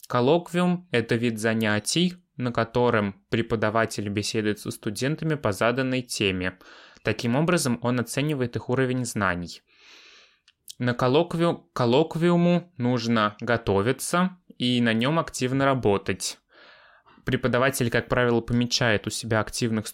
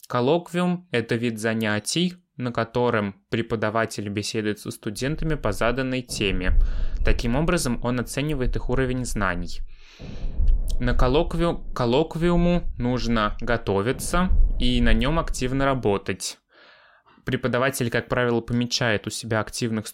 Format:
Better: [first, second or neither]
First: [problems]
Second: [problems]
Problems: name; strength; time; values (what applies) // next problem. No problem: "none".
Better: first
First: none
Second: low rumble; faint; from 5 to 16 s; 25 dB below the speech